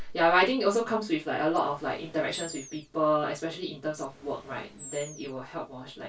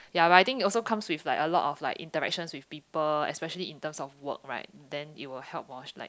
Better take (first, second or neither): second